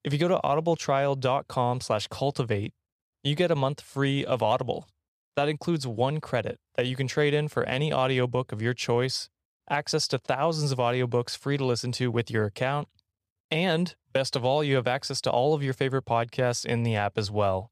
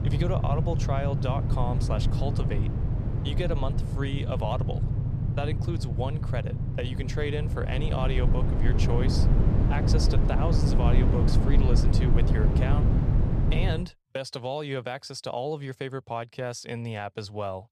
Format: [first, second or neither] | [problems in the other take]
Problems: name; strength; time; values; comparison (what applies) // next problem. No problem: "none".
first | low rumble; loud; until 14 s; 3 dB below the speech